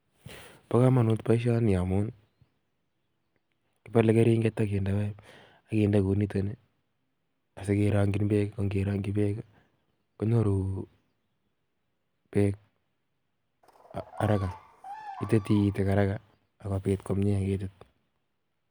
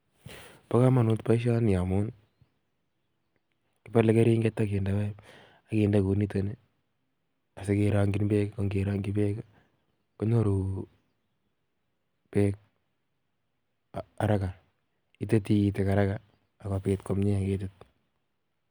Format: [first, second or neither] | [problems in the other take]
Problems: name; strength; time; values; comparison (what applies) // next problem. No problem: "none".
second | background sound (Bird vocalization, bird call, bird song); 17 dB below the speech